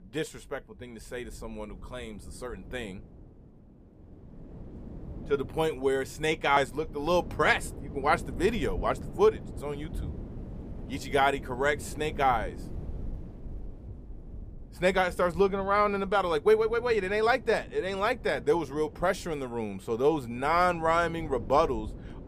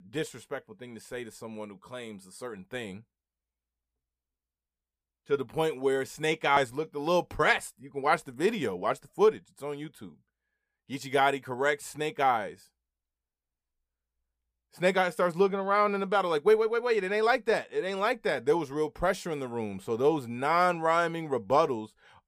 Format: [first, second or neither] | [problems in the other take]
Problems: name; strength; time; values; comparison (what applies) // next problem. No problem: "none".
second | wind noise on the microphone; occasional gusts; 25 dB below the speech